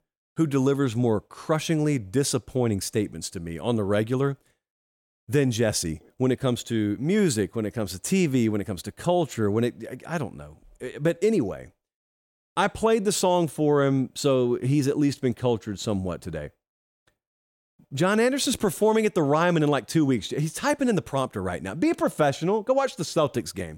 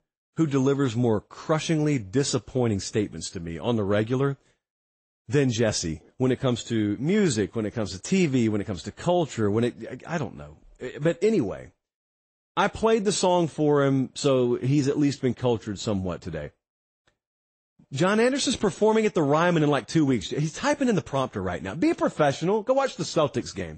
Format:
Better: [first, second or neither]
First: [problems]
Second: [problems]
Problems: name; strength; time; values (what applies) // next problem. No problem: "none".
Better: first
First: none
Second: garbled, watery; slightly; nothing above 8 kHz